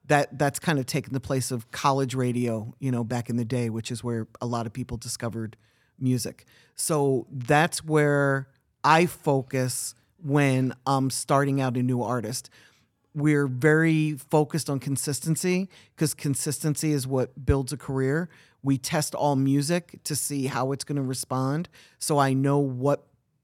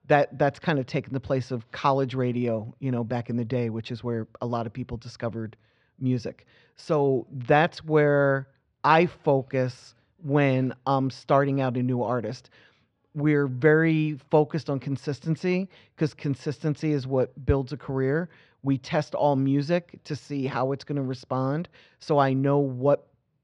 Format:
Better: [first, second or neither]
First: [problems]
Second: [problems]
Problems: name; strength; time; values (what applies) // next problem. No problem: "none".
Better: first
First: none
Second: muffled; slightly; fading above 4 kHz